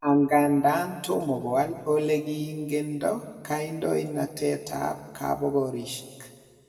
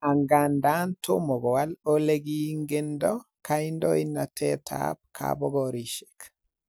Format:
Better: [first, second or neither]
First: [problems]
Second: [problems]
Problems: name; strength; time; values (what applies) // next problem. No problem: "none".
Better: second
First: room echo; dies away in 1.4 s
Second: none